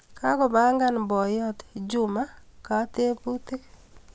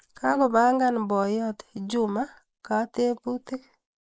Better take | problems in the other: first | noise reduction (neural mask model Resemble Enhance denoiser)

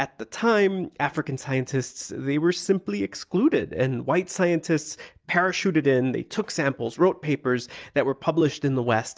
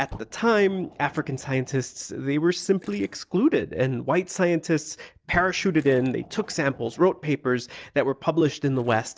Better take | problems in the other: first | noise reduction (neural separator model SepFormer DNS4)

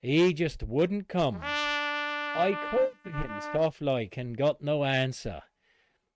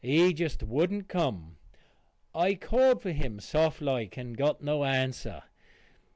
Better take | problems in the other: second | noise reduction (neural mask model RNNoise)

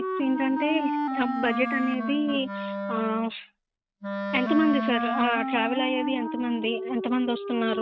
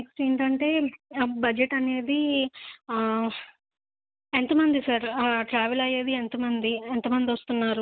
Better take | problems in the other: second | noise reduction (neural mask model RNNoise)

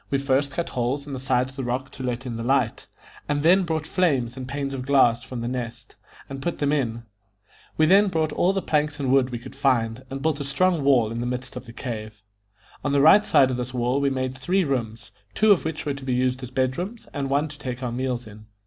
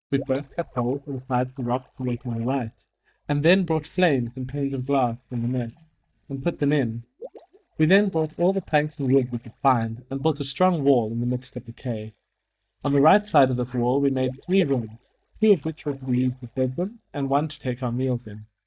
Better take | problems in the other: first | noise reduction (neural mask model DeepFilterNet 3)

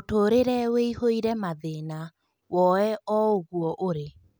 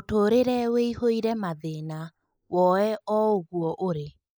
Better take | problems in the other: first | noise reduction (neural mask model Resemble Enhance denoiser)

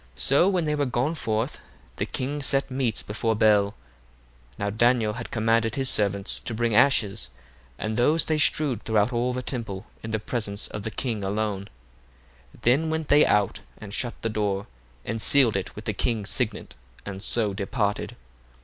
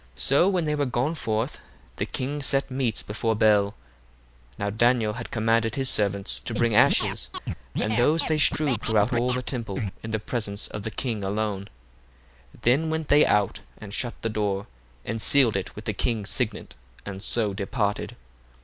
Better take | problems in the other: first | background sound (Scratching (performance technique)); 5 dB below the speech

